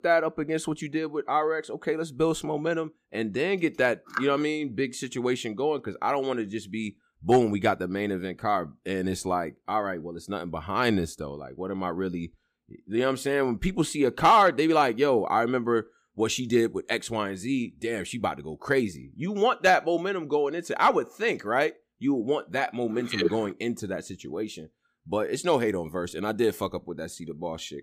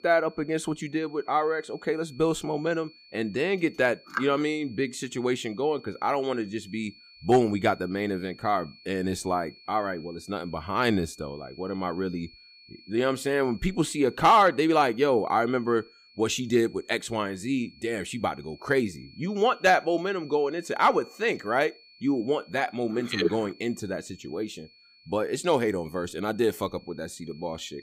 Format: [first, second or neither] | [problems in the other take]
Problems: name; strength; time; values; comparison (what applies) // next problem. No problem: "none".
first | high-pitched whine; faint; throughout; 4.5 kHz, 25 dB below the speech